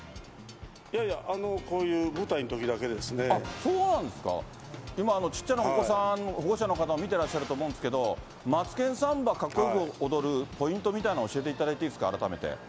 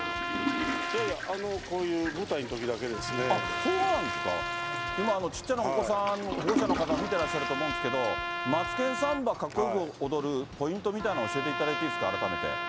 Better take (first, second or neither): first